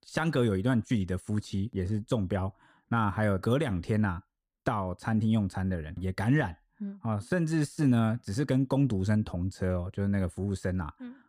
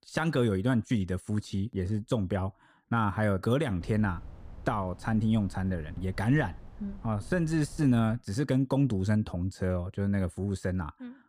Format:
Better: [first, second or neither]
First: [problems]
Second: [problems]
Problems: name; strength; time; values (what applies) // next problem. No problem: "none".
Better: first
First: none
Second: wind noise on the microphone; occasional gusts; from 4 to 8 s; 25 dB below the speech